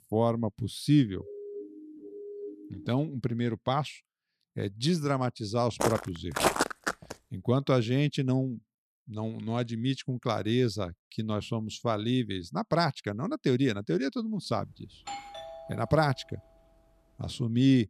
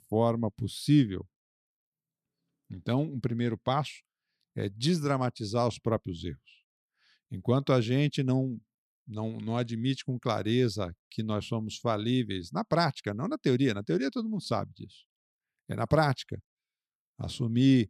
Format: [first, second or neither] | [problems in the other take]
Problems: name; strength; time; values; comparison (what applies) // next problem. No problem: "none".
second | siren; faint; from 1 to 3 s; peak 10 dB below the speech // footsteps; loud; from 6 to 7 s; peak 3 dB above the speech // doorbell; faint; from 15 to 16 s; peak 10 dB below the speech